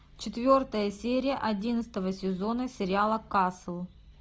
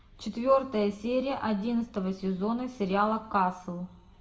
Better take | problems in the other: first | room echo; dies away in 1.1 s

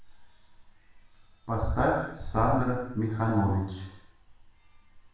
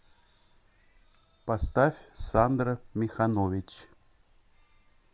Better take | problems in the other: second | room echo; dies away in 0.7 s

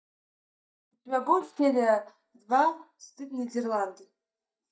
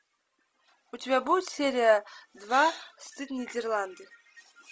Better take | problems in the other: second | noise reduction (neural mask model DeepFilterNet 3)

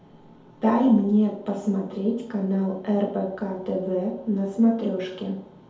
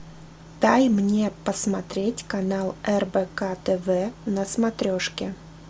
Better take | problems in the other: second | room echo; dies away in 1.9 s

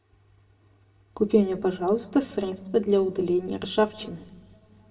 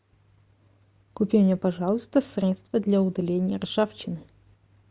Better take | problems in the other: second | room echo; dies away in 1.8 s

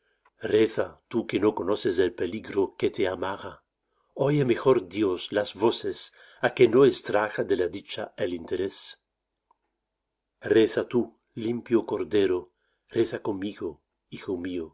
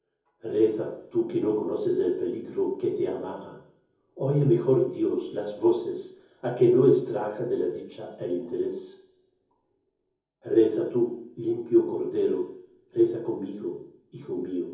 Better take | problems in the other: first | room echo; dies away in 0.7 s

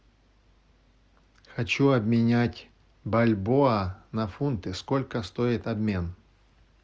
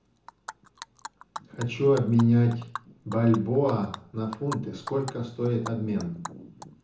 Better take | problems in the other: first | background sound (Animal); 15 dB below the speech // room echo; dies away in 0.7 s

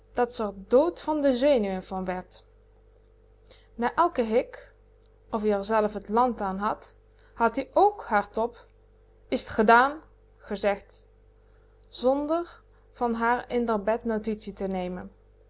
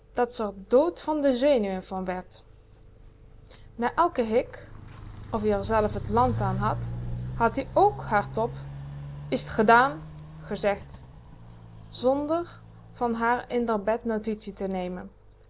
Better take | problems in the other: first | background sound (Walk, footsteps); 12 dB below the speech

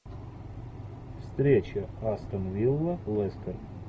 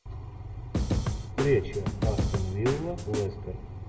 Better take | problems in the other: first | background sound (Snare drum / Drum kit); as loud as the speech // room echo; dies away in 1.3 s

